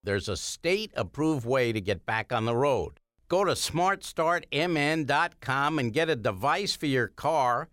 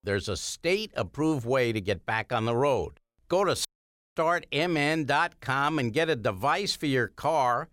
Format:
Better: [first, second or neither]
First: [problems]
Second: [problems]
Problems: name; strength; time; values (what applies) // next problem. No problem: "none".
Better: first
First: none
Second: audio cutting out; at 3.5 s for 0.5 s